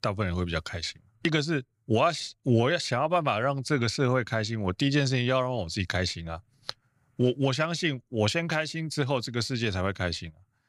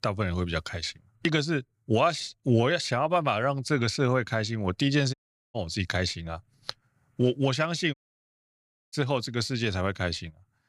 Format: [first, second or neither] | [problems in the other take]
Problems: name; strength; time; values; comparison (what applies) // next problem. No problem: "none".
first | audio cutting out; at 5 s and at 8 s for 1 s